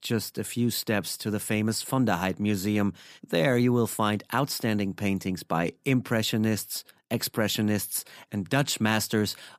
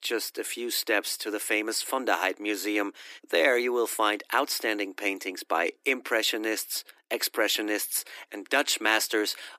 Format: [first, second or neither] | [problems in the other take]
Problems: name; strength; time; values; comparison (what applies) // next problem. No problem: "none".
first | thin; very; fading below 300 Hz